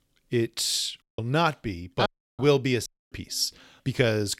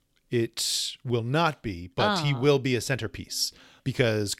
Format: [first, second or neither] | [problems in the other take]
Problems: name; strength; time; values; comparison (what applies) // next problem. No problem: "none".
second | audio cutting out; at 1 s, at 2 s and at 3 s